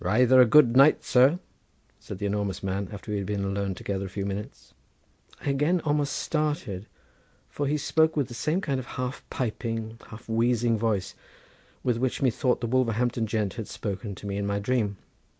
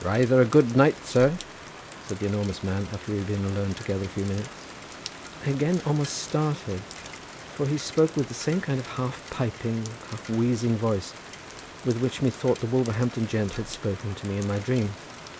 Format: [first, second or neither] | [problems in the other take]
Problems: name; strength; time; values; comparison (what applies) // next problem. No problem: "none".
first | background sound (Rain); 15 dB below the speech